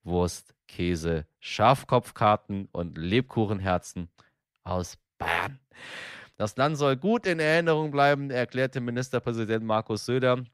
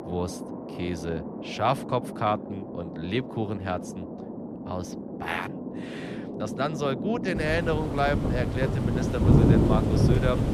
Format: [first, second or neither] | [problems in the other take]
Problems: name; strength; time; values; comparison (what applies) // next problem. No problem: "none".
first | rain or running water; very loud; throughout; 2 dB above the speech